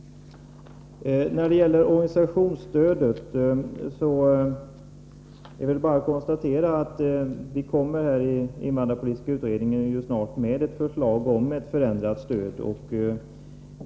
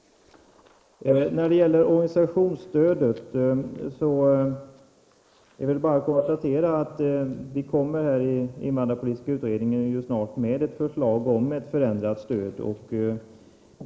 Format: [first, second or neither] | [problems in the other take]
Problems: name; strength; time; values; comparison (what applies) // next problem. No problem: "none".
first | noise reduction (neural mask model Resemble Enhance denoiser)